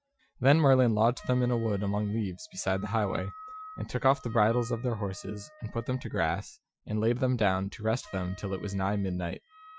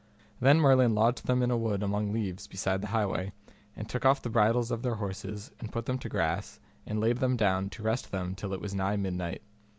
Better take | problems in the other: second | noise reduction (classical method Wiener filter)

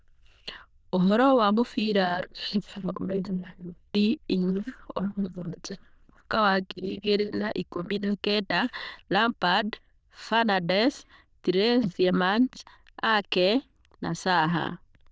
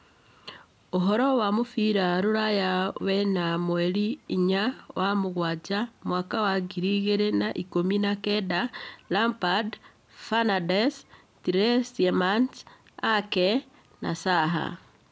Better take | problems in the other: second | noise reduction (neural diffusion model UNIVERSE++)

